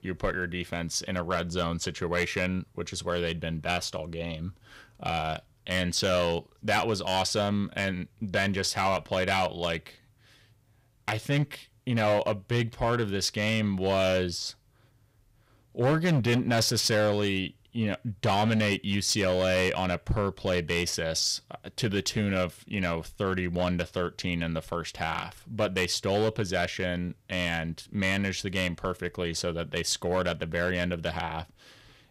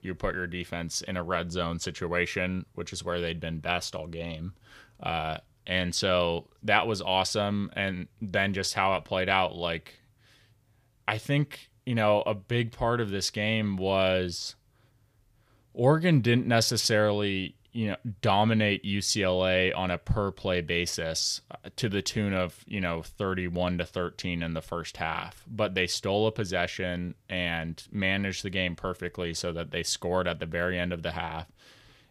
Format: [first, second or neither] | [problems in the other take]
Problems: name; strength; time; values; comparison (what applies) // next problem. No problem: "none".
second | distortion; slight; 4% of the sound clipped